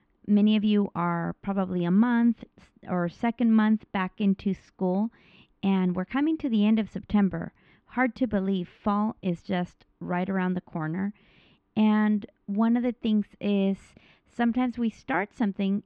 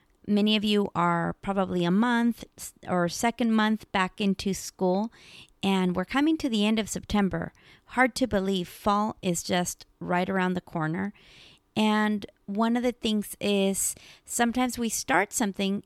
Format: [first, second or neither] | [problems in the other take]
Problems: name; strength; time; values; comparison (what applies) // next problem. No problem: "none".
second | muffled; very; fading above 3 kHz